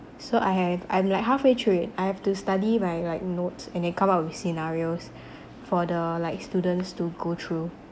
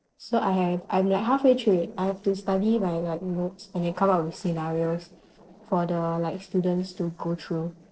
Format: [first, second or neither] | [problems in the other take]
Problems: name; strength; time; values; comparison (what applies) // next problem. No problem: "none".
first | noise reduction (neural separator model SepFormer DNS4)